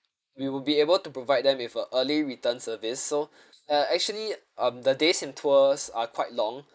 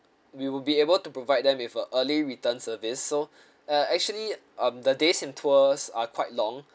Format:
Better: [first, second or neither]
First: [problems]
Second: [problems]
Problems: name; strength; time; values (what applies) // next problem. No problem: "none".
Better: second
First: noise reduction (neural mask model Resemble Enhance denoiser)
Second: none